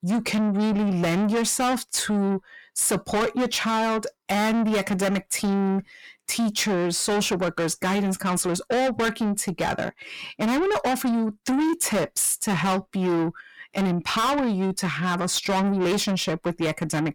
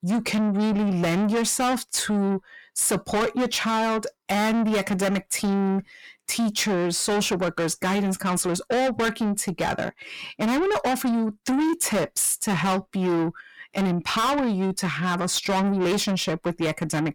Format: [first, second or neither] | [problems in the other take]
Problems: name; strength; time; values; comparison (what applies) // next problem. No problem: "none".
neither | distortion; heavy; 6 dB below the speech; the same in both